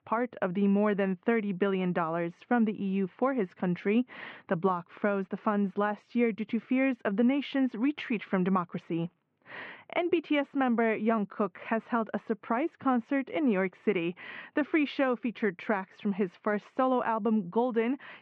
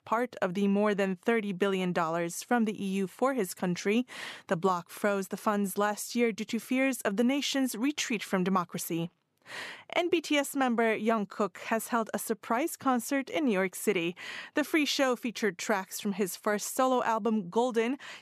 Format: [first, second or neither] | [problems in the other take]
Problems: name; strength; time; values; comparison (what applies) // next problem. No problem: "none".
second | muffled; very; fading above 2.5 kHz